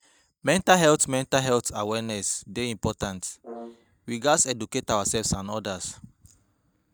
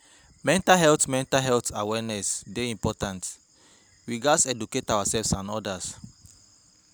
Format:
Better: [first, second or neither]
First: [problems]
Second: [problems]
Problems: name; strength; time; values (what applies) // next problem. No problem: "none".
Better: second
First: noise reduction (neural mask model DeepFilterNet 3)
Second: none